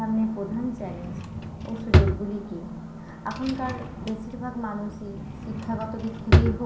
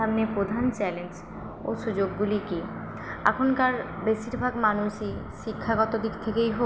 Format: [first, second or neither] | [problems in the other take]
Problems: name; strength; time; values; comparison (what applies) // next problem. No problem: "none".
second | background sound (Drawer open or close); 4 dB above the speech // room echo; dies away in 0.6 s